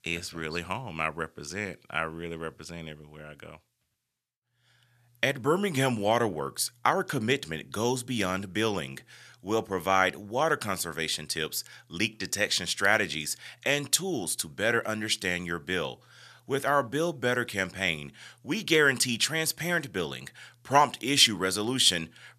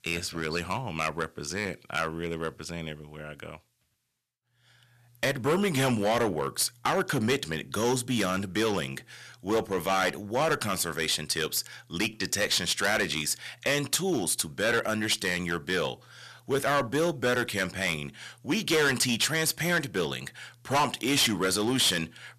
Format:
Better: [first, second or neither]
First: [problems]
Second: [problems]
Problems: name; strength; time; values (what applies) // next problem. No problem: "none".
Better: first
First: none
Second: distortion; heavy; 7% of the sound clipped